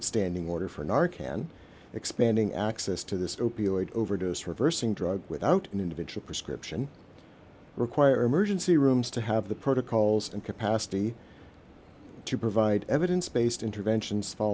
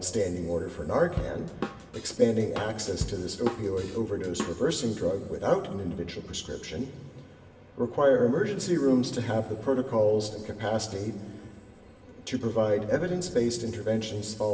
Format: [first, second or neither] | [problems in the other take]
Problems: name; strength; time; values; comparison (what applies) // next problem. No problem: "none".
first | background sound (Drum / Drum kit); 9 dB below the speech // room echo; dies away in 2.6 s